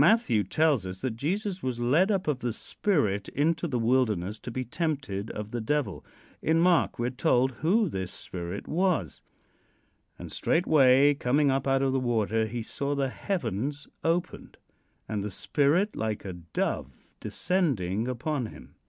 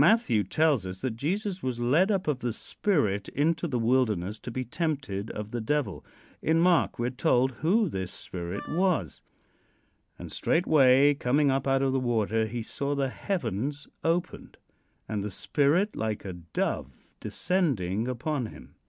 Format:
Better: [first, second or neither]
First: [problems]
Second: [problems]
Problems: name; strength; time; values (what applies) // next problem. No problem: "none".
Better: first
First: none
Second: background sound (Wind instrument, woodwind instrument); 17 dB below the speech